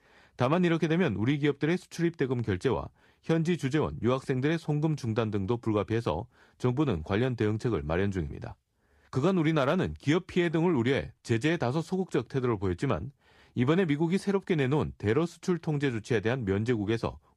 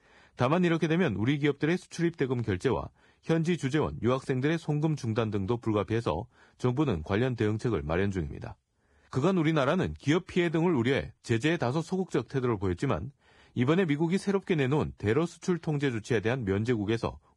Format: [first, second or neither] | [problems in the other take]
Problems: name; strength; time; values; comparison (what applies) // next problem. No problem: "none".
first | garbled, watery; badly; nothing above 10.5 kHz; slightly in the first